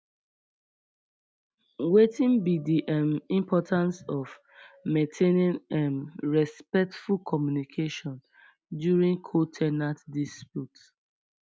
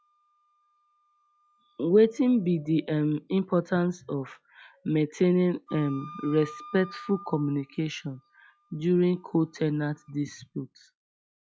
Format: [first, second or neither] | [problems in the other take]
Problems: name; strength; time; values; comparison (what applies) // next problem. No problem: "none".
first | noise reduction (classical method log-MMSE)